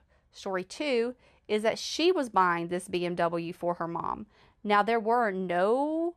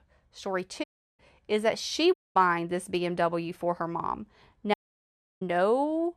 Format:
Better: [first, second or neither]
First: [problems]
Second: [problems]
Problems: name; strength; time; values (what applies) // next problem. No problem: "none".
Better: first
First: none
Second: audio cutting out; at 1 s, at 2 s and at 4.5 s for 0.5 s